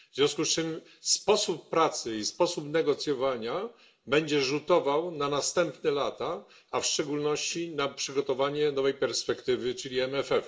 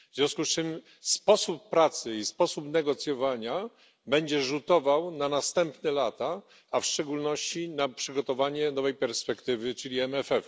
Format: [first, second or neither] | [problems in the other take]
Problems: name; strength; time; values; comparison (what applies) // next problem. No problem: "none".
second | room echo; dies away in 0.4 s